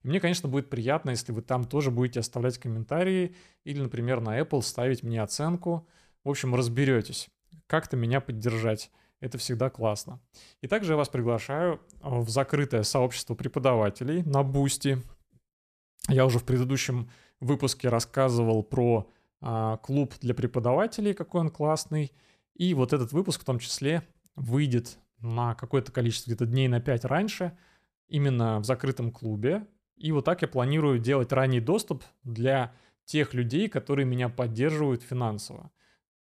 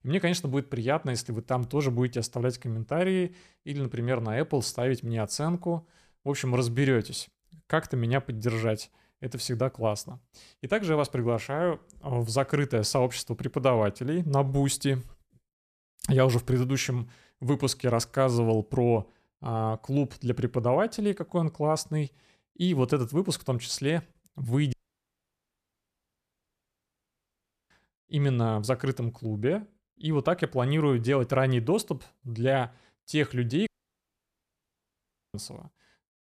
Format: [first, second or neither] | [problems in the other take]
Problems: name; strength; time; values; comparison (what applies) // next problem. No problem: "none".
first | audio cutting out; at 25 s for 3 s and at 34 s for 1.5 s